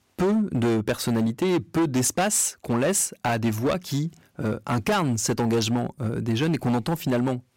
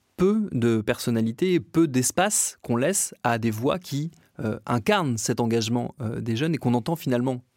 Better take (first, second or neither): second